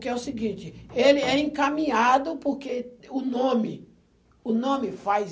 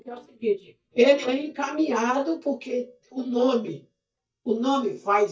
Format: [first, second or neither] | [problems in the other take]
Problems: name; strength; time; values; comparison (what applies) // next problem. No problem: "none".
first | noise reduction (neural mask model DeepFilterNet 3)